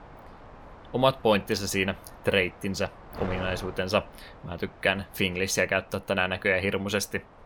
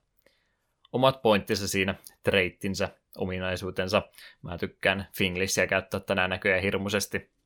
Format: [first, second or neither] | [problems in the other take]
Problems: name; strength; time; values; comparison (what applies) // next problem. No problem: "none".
second | wind noise on the microphone; occasional gusts; 20 dB below the speech